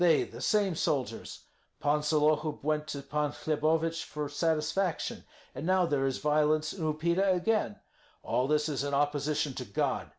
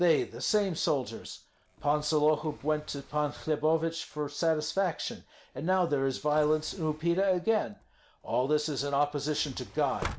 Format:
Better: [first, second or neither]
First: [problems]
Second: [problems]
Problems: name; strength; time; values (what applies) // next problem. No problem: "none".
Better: first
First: none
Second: background sound (Sliding door); 19 dB below the speech